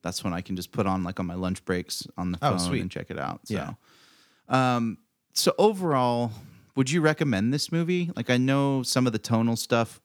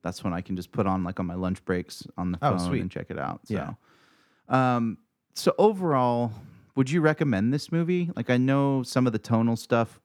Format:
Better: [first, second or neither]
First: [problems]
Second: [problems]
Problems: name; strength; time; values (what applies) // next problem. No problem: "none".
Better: first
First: none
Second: muffled; slightly; fading above 2.5 kHz